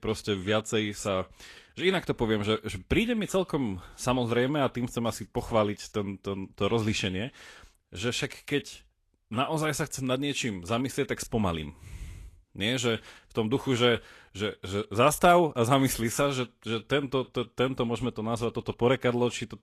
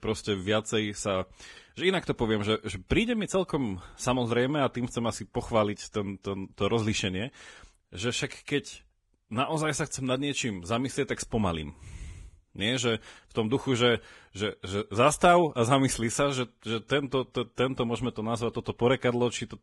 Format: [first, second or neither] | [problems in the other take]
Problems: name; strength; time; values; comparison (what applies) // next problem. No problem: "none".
first | garbled, watery; badly; nothing above 11 kHz; slightly in the first